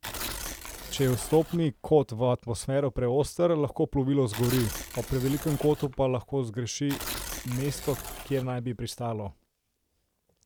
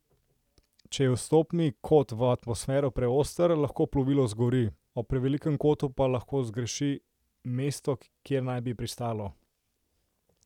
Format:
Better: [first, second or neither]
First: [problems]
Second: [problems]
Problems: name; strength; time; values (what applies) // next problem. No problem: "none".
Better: second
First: background sound (Tearing); 11 dB below the speech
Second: none